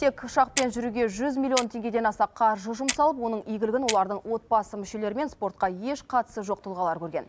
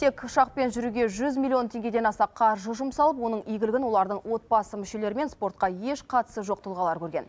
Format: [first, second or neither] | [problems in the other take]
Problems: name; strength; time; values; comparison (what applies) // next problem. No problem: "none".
second | background sound (Clock); 11 dB below the speech